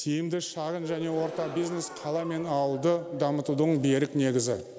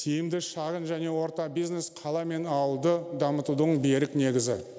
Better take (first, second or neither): second